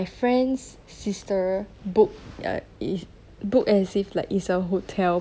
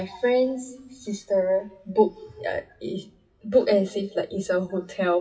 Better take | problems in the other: first | noise reduction (classical method WPE with log-MMSE)

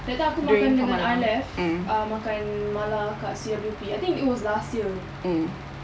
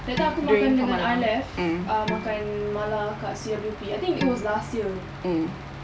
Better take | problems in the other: first | background sound (Dishes, pots, and pans); 12 dB below the speech

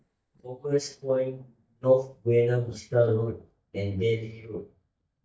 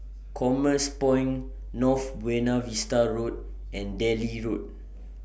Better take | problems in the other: second | noise reduction (neural mask model DeepFilterNet 3)

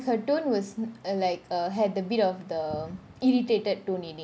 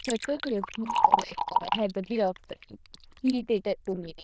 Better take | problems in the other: first | noise reduction (neural diffusion model UNIVERSE++)

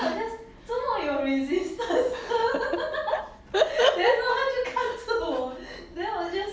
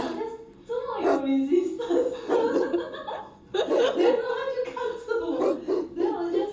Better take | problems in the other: first | background sound (Bark); 3 dB below the speech // room echo; dies away in 0.2 s

